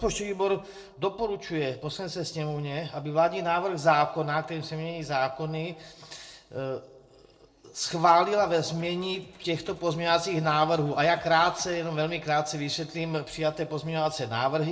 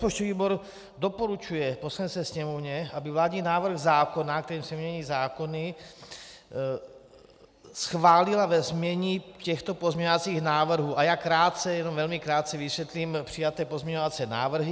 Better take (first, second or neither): second